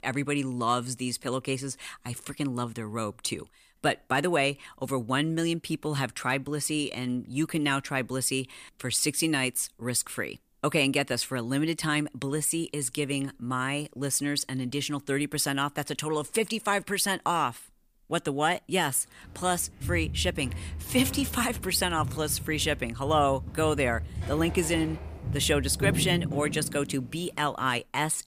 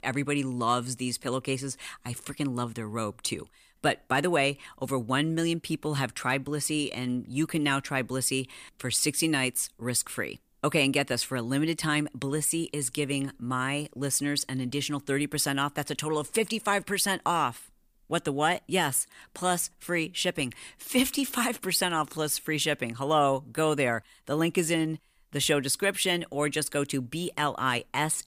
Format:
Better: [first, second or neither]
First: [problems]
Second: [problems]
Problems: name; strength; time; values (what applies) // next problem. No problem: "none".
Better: second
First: footsteps; noticeable; from 20 to 27 s; peak level with the speech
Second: none